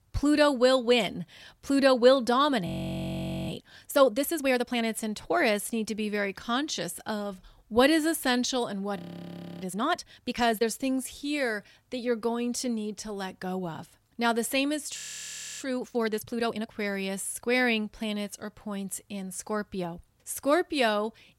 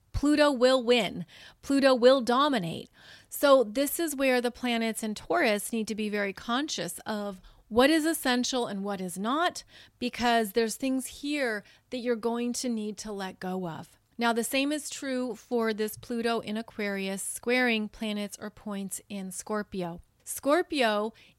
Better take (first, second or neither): second